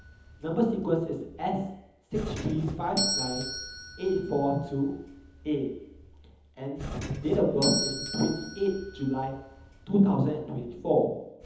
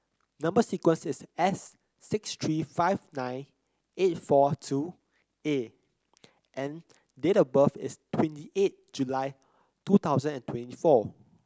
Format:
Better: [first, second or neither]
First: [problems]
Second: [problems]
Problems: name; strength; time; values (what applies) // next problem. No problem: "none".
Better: second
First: background sound (Doorbell); 8 dB below the speech // room echo; dies away in 1.3 s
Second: none